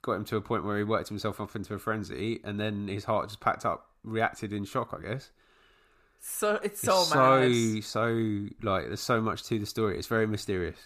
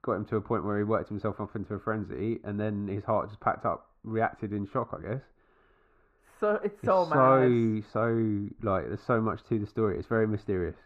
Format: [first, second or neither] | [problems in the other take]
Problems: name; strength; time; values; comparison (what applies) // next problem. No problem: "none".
first | muffled; very; fading above 3.5 kHz